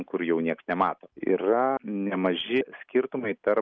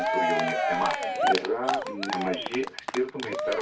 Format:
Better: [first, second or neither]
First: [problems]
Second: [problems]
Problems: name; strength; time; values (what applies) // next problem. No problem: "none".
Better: first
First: none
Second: background sound (Cheering); 3 dB above the speech // room echo; dies away in 0.2 s